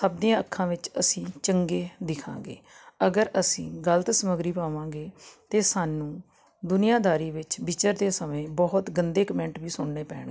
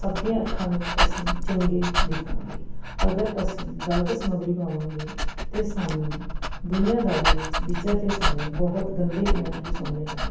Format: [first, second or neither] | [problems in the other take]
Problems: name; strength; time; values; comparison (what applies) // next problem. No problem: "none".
first | background sound (Dog); 2 dB above the speech // room echo; dies away in 0.9 s